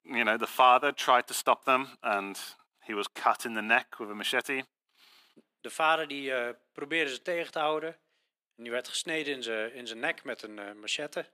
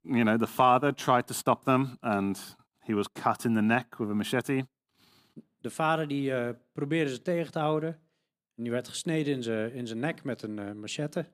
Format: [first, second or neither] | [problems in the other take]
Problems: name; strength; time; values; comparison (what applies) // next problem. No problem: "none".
second | thin; somewhat; fading below 500 Hz